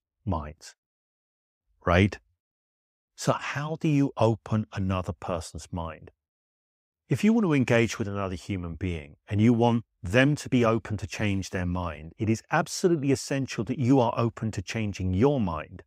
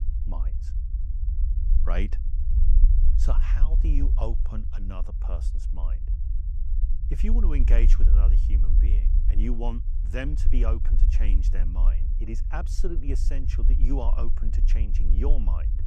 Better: first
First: none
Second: low rumble; loud; throughout; 8 dB below the speech

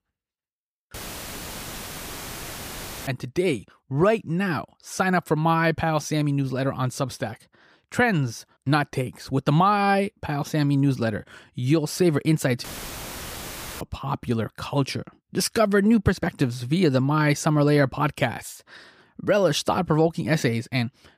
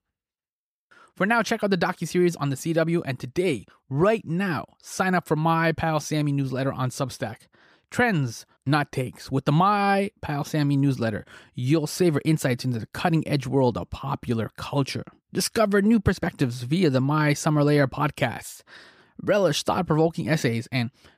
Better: second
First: audio cutting out; filled with static; at 1 s for 2 s and at 13 s for 1 s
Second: none

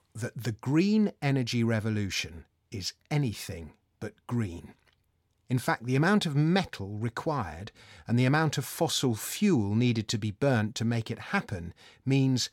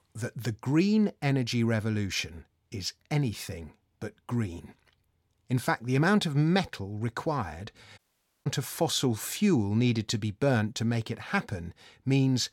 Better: first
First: none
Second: audio cutting out; at 8 s

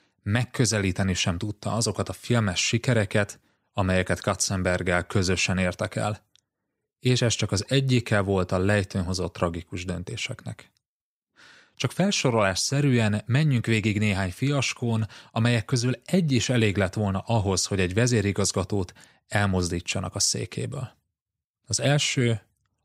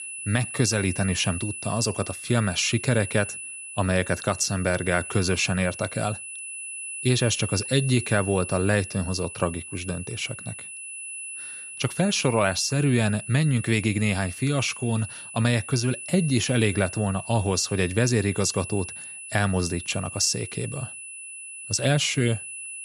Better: first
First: none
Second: high-pitched whine; loud; throughout; 2.5 kHz, 10 dB below the speech

